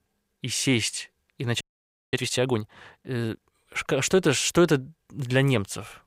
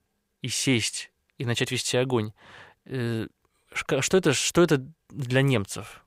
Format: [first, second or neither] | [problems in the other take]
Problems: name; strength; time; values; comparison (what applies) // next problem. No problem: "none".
second | audio freezing; at 1.5 s for 0.5 s